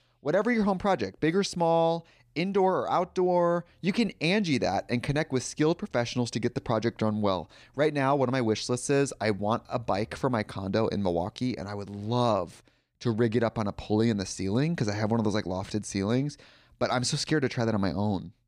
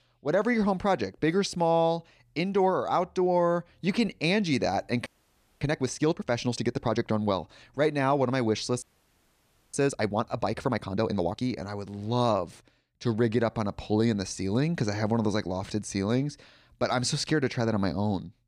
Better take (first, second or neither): first